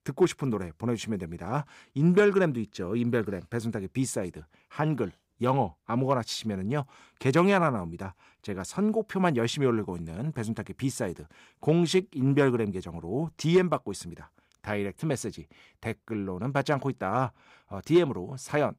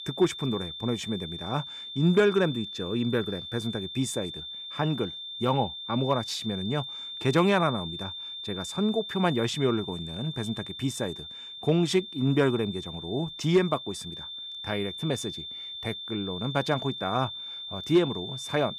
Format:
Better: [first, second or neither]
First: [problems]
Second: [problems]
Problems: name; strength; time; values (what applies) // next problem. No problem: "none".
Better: first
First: none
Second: high-pitched whine; loud; throughout; 3.5 kHz, 8 dB below the speech